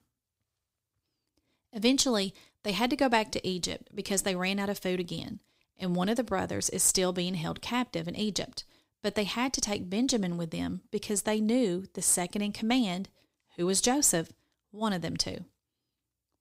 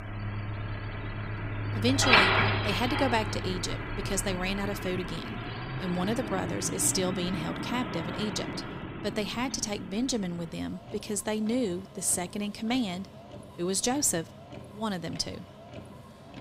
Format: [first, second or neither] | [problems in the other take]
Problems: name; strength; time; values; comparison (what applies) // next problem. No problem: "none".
first | traffic noise; very loud; throughout; as loud as the speech